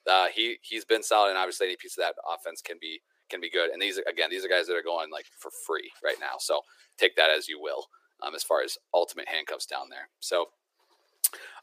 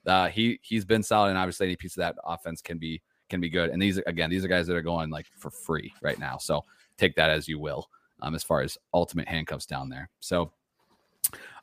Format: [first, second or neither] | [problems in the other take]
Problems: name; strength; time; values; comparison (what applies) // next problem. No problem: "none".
second | thin; very; fading below 350 Hz